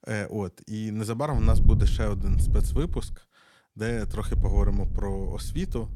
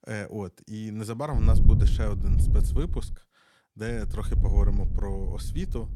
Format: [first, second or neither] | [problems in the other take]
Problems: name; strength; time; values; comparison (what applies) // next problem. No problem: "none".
first | wind noise on the microphone; heavy; from 1.5 to 3 s and from 4 s on; 6 dB below the speech; occasional gusts in the first